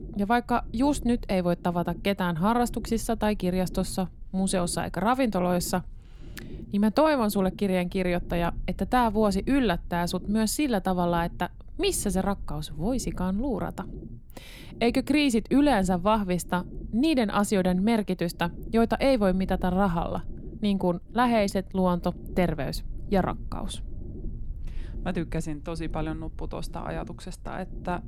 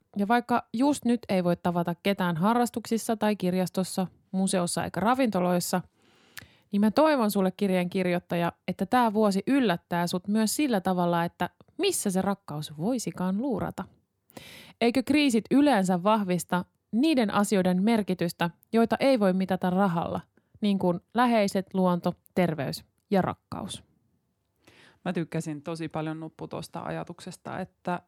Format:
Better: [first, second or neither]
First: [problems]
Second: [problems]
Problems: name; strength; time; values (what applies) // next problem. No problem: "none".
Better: second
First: low rumble; faint; throughout; 25 dB below the speech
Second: none